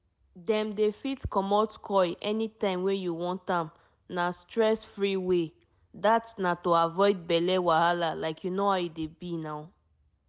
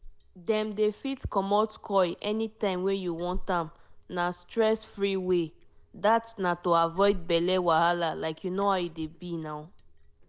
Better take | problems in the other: first | background sound (Liquid); 16 dB below the speech

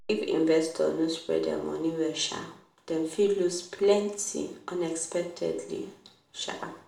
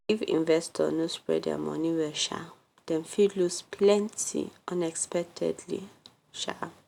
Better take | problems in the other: second | room echo; dies away in 0.5 s

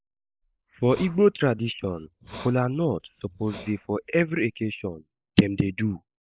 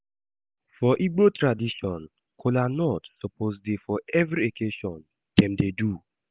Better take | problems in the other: second | noise reduction (neural mask model Resemble Enhance denoiser)

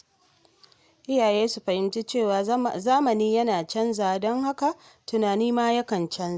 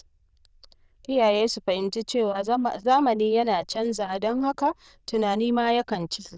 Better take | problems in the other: first | noise reduction (neural diffusion model UNIVERSE++)

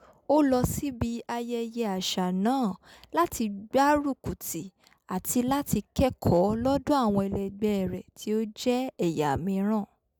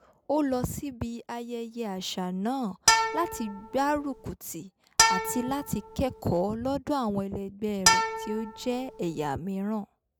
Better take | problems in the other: first | background sound (Bowed string instrument); 3 dB above the speech

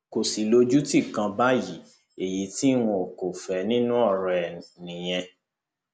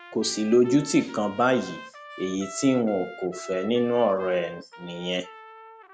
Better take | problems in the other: first | background sound (Trumpet); 18 dB below the speech

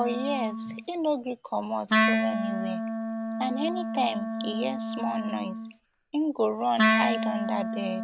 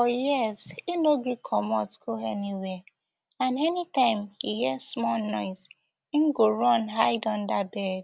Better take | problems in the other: second | background sound (Wind instrument, woodwind instrument); 1 dB above the speech

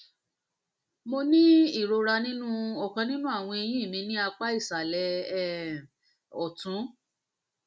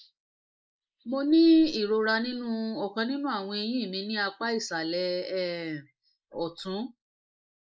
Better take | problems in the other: first | noise reduction (neural mask model Resemble Enhance denoiser)

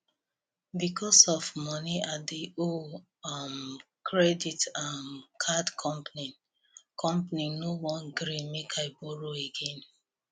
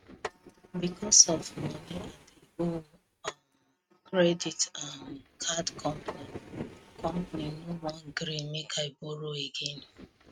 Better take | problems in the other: first | noise reduction (neural mask model RNNoise)

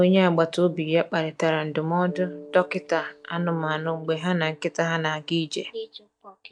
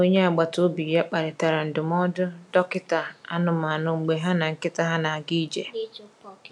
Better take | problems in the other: second | noise reduction (neural mask model DeepFilterNet 3)

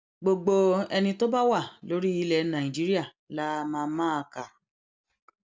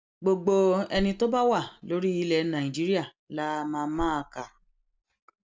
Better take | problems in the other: first | background sound (Thump, thud); 15 dB below the speech

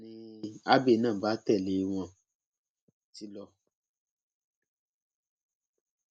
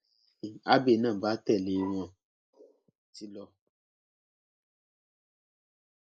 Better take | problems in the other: first | noise reduction (neural mask model Resemble Enhance denoiser)

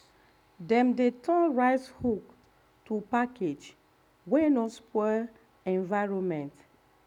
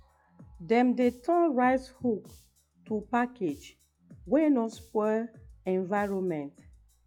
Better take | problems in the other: first | noise reduction (classical method log-MMSE)

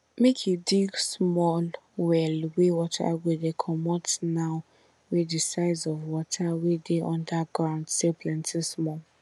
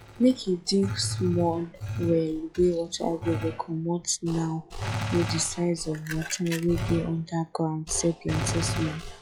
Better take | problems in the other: first | noise reduction (classical method log-MMSE)

